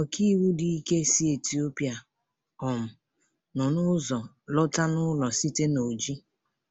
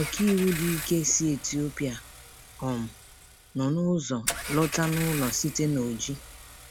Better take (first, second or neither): first